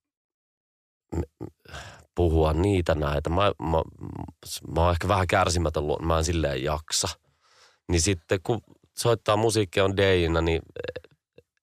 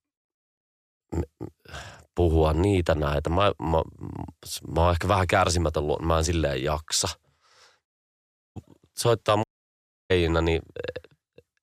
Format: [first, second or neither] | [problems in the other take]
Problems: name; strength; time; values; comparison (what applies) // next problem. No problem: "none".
first | audio cutting out; at 8 s for 0.5 s and at 9.5 s for 0.5 s